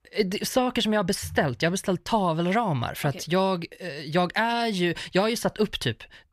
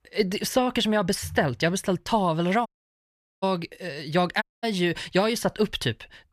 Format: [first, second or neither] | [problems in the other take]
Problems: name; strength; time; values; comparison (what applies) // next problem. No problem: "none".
first | audio cutting out; at 2.5 s for 1 s and at 4.5 s